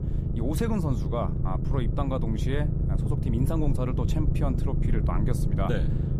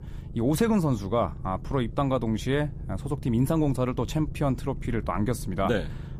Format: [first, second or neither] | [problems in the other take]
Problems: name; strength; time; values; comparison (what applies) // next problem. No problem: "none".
second | low rumble; loud; throughout; 5 dB below the speech; faint in the second